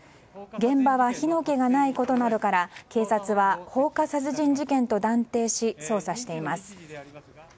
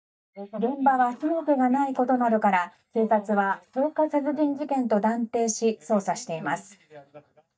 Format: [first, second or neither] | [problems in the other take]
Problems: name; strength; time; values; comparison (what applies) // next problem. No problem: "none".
first | noise reduction (neural mask model DeepFilterNet 3)